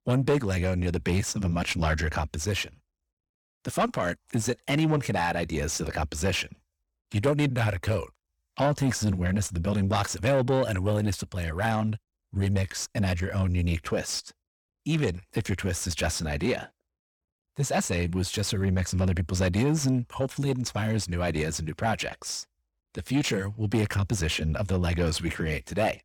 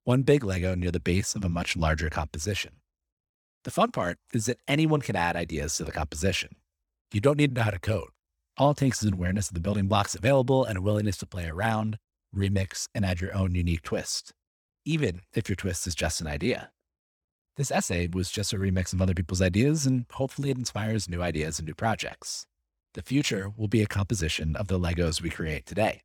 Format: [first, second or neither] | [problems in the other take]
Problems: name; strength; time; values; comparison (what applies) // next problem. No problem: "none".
second | distortion; slight; 10 dB below the speech